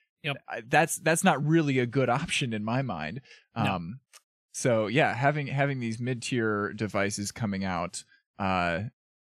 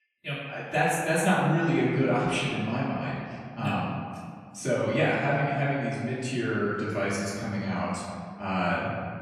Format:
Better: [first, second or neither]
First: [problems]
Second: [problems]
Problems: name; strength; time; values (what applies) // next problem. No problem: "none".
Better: first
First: none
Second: room echo; noticeable; dies away in 1.8 s // off-mic speech; far